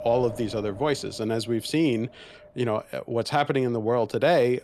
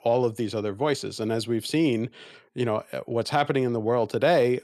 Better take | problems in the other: second | wind noise on the microphone; occasional gusts; 15 dB below the speech

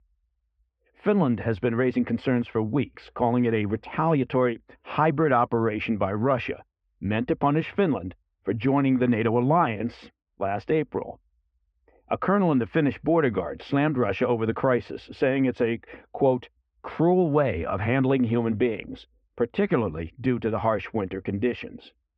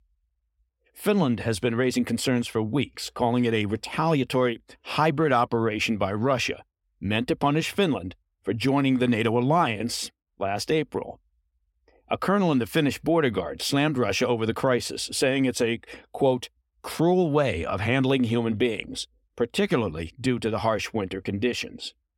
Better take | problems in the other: second | muffled; very; fading above 2 kHz

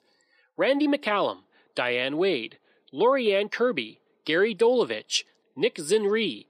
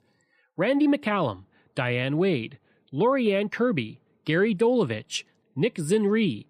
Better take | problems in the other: second | thin; very slightly; fading below 400 Hz

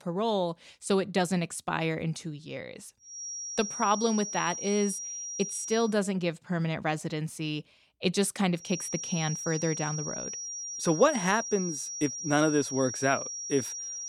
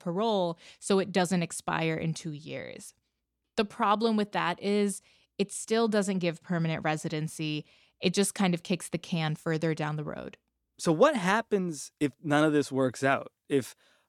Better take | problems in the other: second | high-pitched whine; loud; from 3 to 6 s and from 8.5 s on; 5.5 kHz, 5 dB below the speech

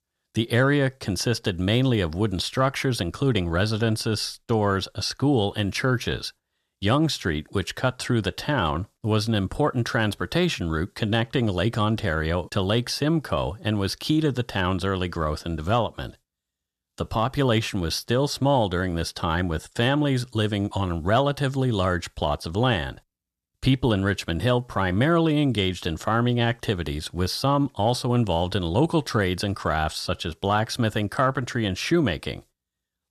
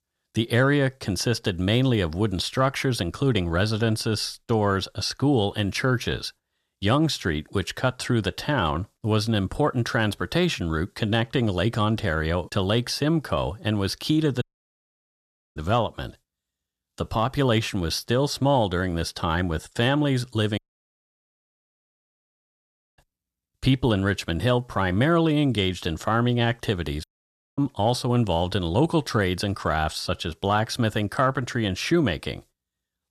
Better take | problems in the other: first | audio cutting out; at 14 s for 1 s, at 21 s for 2.5 s and at 27 s for 0.5 s

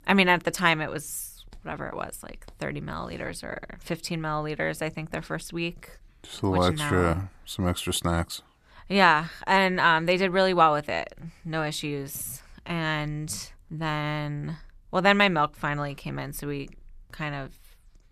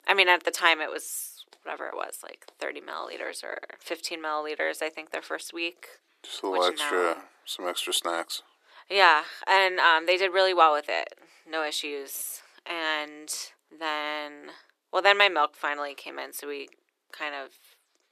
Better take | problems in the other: first | thin; very; fading below 350 Hz

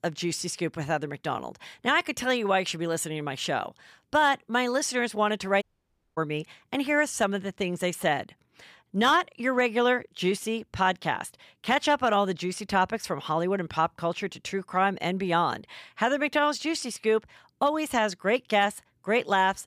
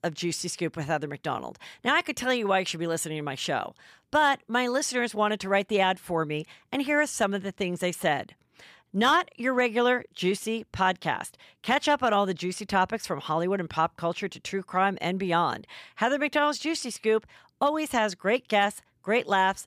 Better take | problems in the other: second | audio cutting out; at 5.5 s for 0.5 s

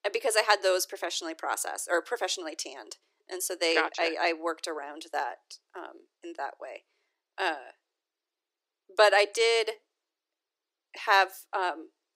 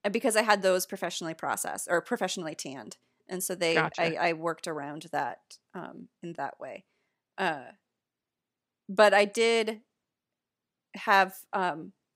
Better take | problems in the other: second | thin; very; fading below 300 Hz

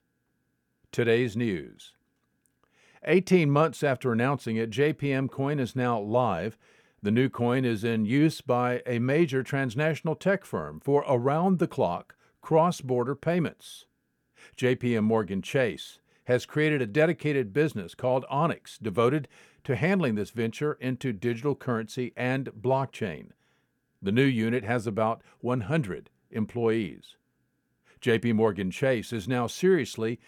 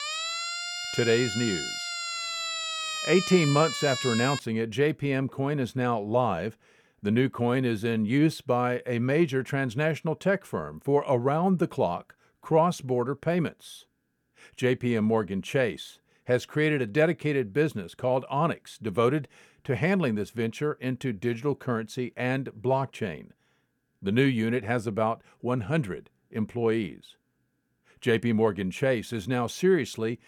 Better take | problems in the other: first | siren; noticeable; until 4.5 s; peak 2 dB below the speech

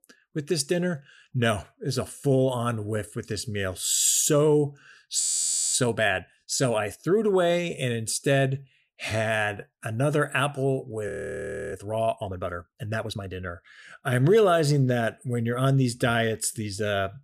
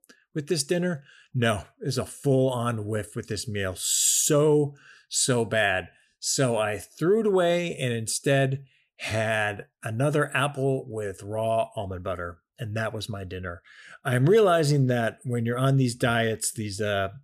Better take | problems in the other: second | audio freezing; at 5 s for 0.5 s and at 11 s for 0.5 s

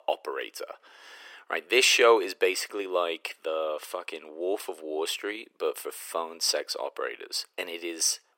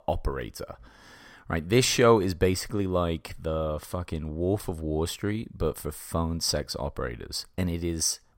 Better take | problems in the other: second | thin; very; fading below 350 Hz

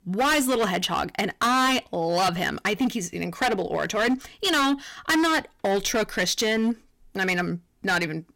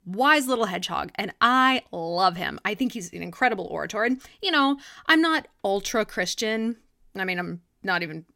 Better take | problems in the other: second | distortion; heavy; 16% of the sound clipped

